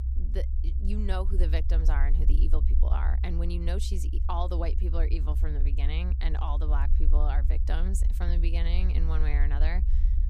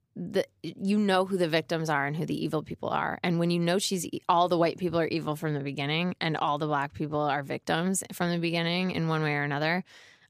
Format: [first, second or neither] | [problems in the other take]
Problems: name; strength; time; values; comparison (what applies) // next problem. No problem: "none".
second | low rumble; loud; throughout; 9 dB below the speech